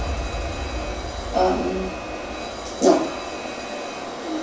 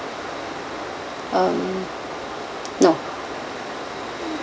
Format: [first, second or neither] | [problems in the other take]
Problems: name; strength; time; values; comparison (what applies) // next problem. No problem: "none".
second | background sound (Alarm); 8 dB below the speech // room echo; dies away in 0.7 s